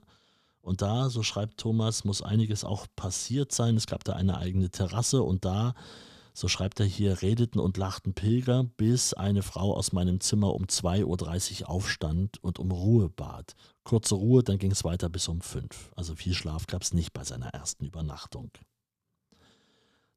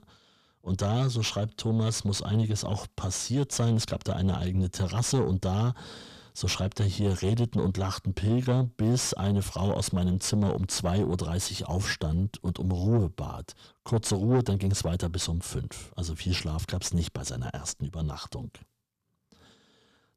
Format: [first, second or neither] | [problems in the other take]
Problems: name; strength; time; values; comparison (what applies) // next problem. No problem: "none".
first | distortion; slight; 9 dB below the speech